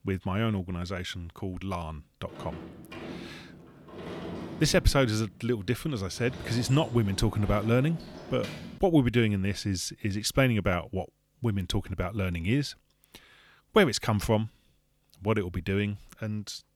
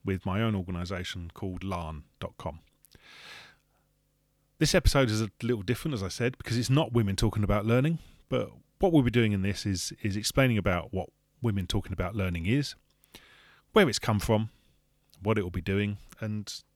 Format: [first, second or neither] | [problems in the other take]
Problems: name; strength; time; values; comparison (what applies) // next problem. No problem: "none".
second | door banging; noticeable; from 2.5 to 9 s; peak 9 dB below the speech